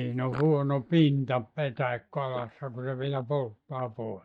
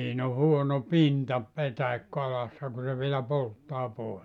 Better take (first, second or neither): second